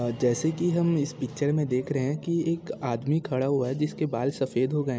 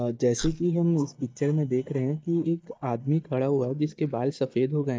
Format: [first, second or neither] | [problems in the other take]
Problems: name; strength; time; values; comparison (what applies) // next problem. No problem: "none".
first | noise reduction (neural mask model DeepFilterNet 3)